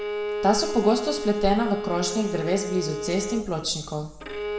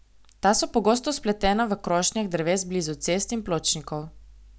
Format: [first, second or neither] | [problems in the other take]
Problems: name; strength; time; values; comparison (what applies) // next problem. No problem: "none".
second | background sound (Bowed string instrument); 5 dB below the speech // room echo; dies away in 0.8 s